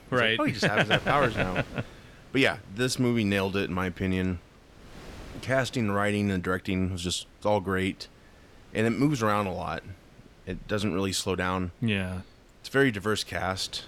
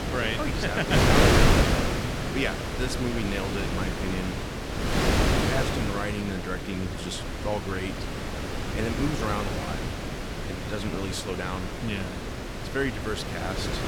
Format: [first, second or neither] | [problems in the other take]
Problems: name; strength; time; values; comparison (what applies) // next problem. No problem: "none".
first | wind noise on the microphone; heavy; 2 dB above the speech; occasional gusts in the first